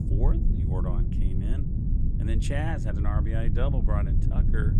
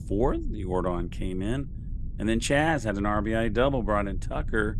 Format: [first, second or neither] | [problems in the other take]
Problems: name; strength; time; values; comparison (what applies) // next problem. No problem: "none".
second | low rumble; loud; throughout; 3 dB below the speech; faint in the second